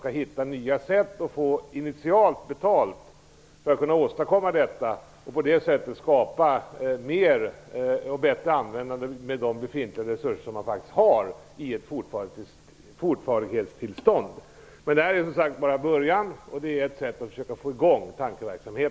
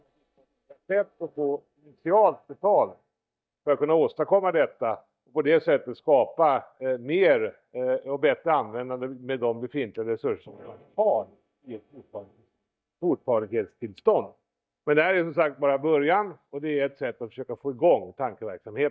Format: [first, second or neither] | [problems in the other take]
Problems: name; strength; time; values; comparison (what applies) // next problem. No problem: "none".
first | noise reduction (neural mask model DeepFilterNet 3)